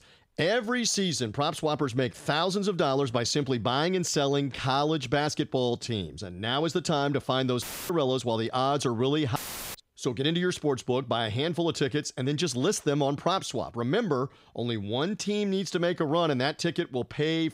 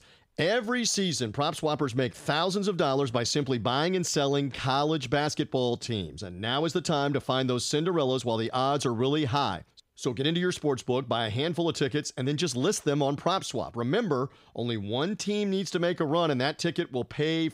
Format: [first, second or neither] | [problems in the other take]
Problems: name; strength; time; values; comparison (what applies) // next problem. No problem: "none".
second | audio cutting out; filled with static; at 7.5 s and at 9.5 s